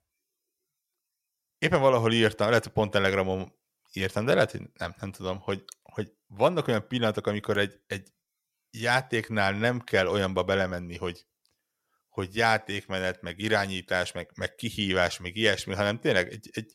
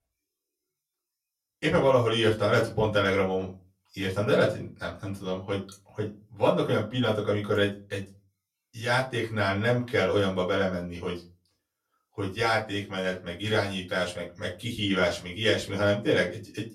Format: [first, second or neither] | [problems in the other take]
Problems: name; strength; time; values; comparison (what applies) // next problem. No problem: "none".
first | off-mic speech; far // room echo; very slight; dies away in 0.2 s